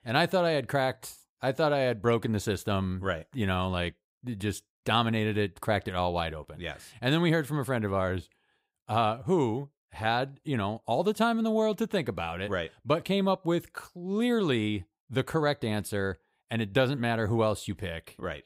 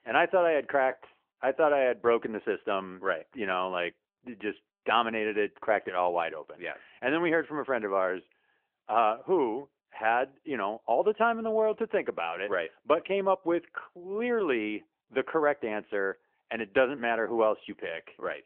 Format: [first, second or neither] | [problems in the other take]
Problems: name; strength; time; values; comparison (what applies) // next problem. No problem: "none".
first | phone-call audio; nothing above 3 kHz